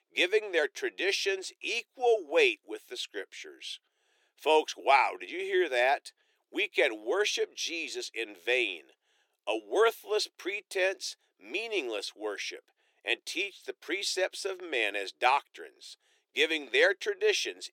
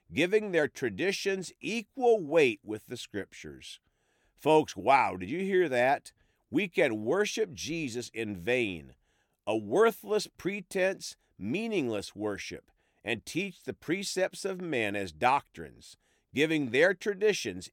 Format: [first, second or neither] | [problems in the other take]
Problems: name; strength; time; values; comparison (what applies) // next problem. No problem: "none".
second | thin; very; fading below 350 Hz